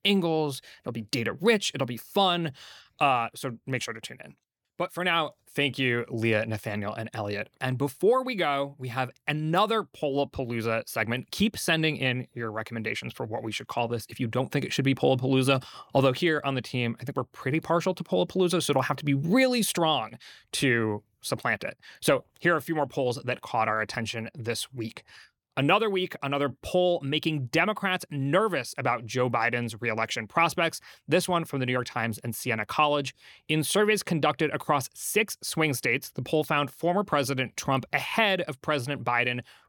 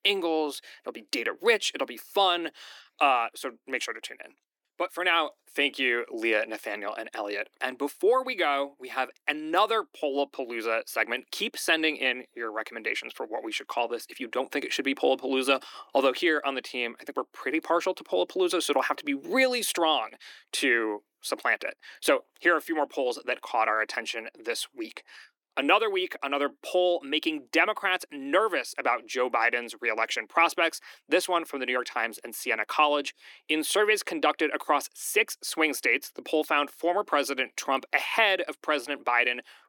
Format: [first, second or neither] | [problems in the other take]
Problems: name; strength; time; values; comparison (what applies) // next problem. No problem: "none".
first | thin; somewhat; fading below 300 Hz